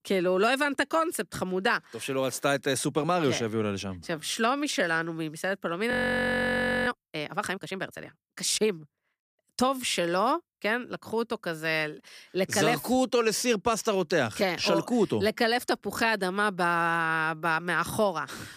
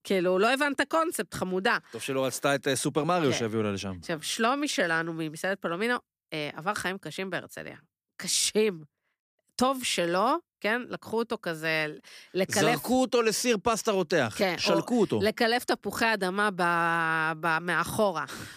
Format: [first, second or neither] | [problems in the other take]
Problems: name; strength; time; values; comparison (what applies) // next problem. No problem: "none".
second | audio freezing; at 6 s for 1 s